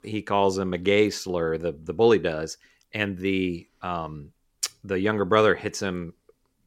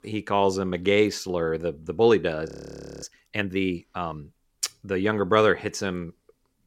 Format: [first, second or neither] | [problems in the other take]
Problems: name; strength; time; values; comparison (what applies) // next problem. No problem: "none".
first | audio freezing; at 2.5 s for 0.5 s